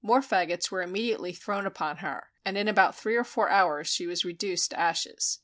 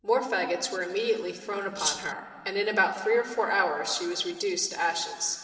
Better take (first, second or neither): first